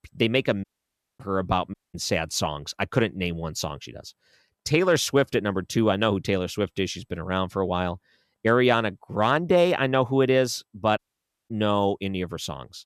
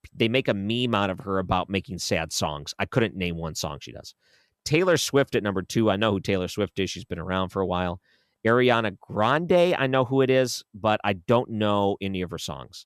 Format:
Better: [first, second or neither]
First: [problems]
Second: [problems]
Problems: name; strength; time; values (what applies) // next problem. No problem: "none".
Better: second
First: audio cutting out; at 0.5 s for 0.5 s, at 1.5 s and at 11 s for 0.5 s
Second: none